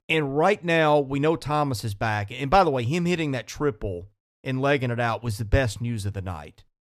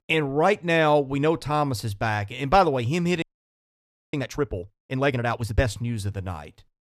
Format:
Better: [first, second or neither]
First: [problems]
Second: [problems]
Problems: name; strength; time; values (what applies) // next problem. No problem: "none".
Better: first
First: none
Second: audio freezing; at 3 s for 1 s